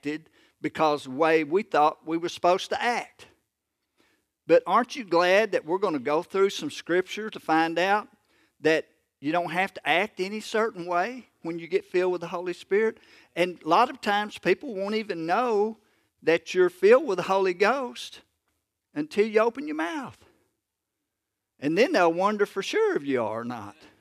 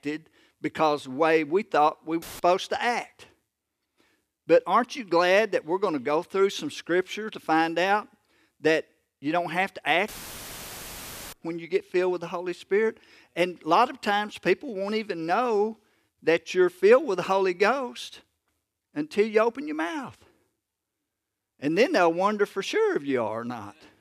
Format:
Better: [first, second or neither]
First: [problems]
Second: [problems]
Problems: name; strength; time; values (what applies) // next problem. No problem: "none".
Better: first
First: none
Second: audio cutting out; filled with static; at 2 s and at 10 s for 1.5 s